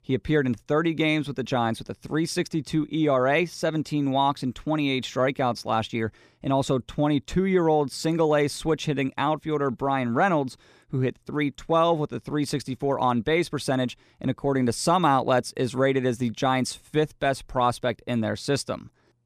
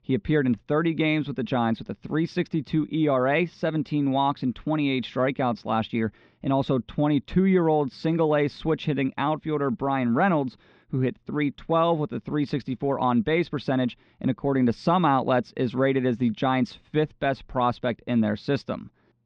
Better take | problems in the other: first | muffled; slightly; fading above 4 kHz

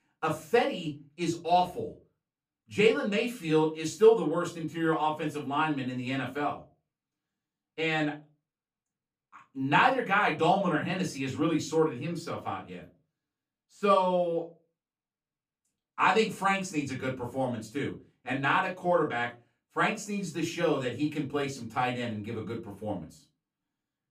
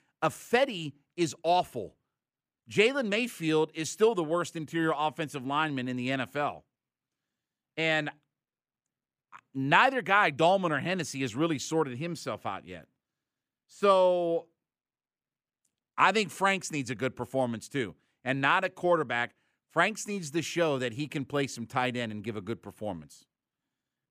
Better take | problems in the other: second | off-mic speech; far // room echo; very slight; dies away in 0.2 s

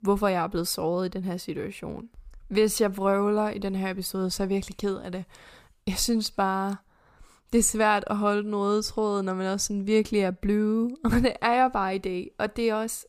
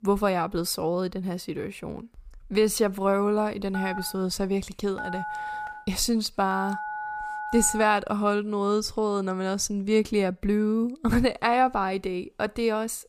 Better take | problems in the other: first | phone ringing; noticeable; from 3.5 to 8 s; peak 7 dB below the speech

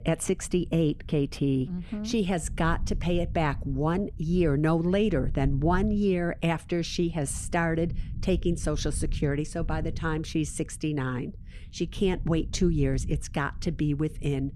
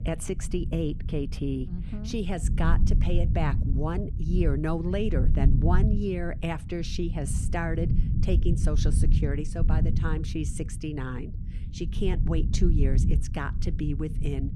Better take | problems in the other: first | low rumble; loud; throughout; 8 dB below the speech; faint in the first

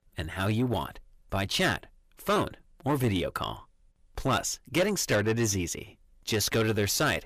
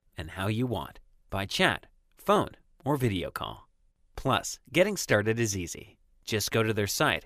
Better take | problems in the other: second | distortion; heavy; 8 dB below the speech

